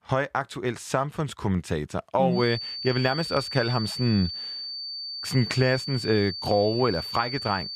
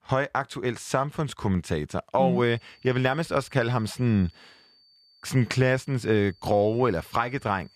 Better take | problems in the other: second | high-pitched whine; loud; from 2.5 s on; 4.5 kHz, 6 dB below the speech; faint in the second

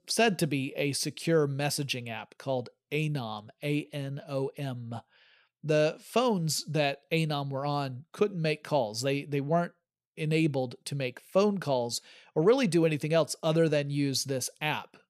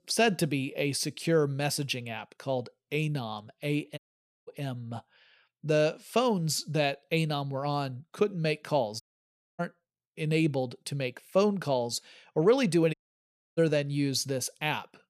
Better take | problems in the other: first | audio cutting out; at 4 s, at 9 s for 0.5 s and at 13 s for 0.5 s

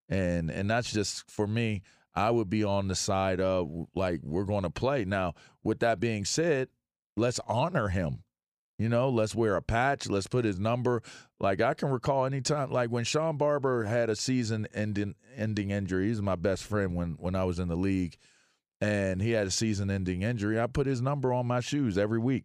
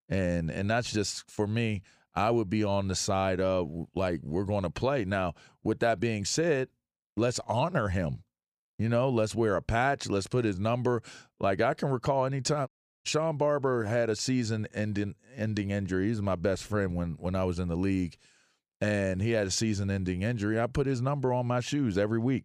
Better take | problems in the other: first | audio cutting out; at 13 s

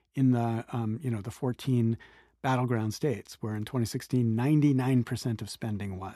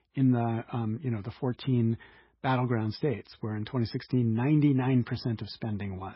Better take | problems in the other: first | garbled, watery; badly; nothing above 5.5 kHz

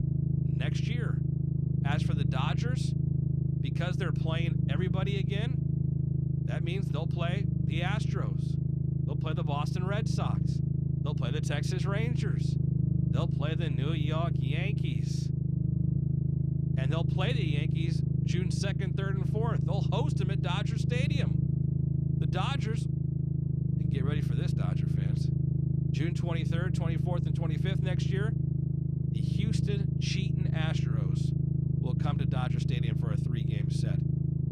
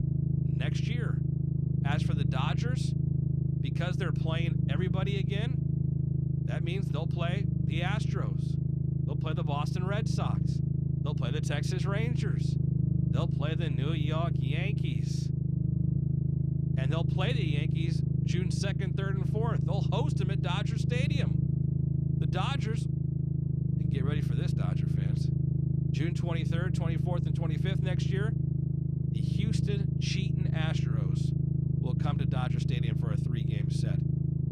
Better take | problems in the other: neither | low rumble; loud; throughout; 1 dB below the speech; the same in both

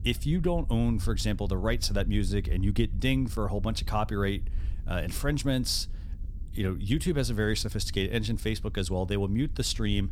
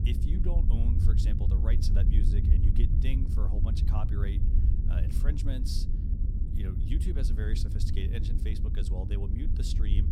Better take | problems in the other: first | low rumble; loud; throughout; 1 dB below the speech; faint in the first

